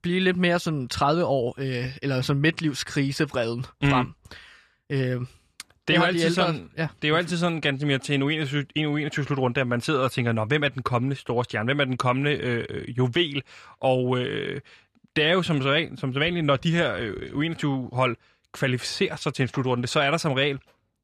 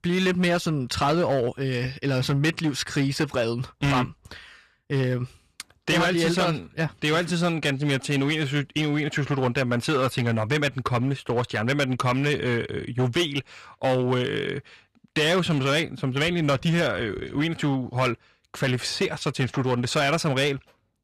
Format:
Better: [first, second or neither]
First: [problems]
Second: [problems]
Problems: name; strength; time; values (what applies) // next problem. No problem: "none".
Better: first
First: none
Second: distortion; slight; 9% of the sound clipped